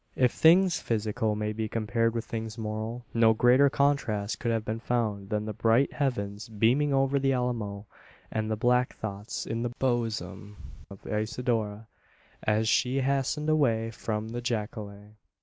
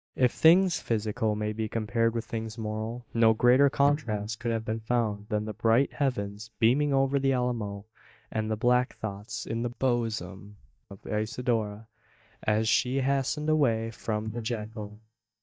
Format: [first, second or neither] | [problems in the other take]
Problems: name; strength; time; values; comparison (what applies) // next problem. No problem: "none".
first | noise reduction (neural mask model DeepFilterNet 3)